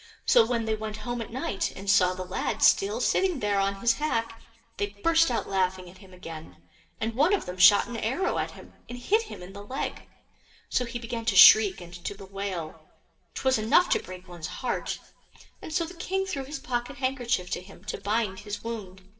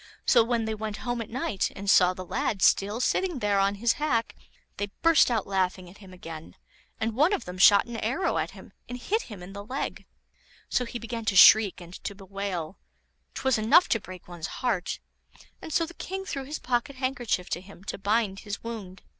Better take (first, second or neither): second